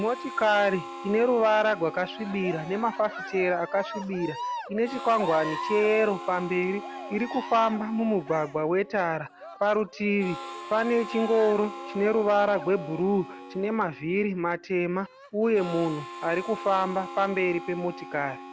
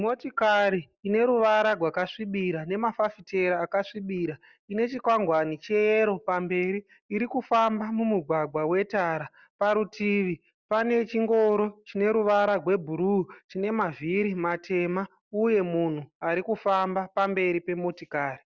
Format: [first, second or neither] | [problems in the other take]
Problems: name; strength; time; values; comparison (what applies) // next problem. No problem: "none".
second | background sound (Cheering + Harmonica); 12 dB below the speech